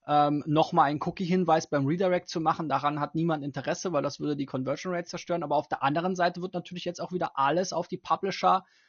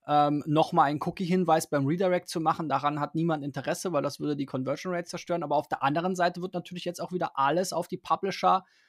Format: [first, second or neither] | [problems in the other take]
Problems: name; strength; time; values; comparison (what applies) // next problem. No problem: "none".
second | garbled, watery; slightly; nothing above 6.5 kHz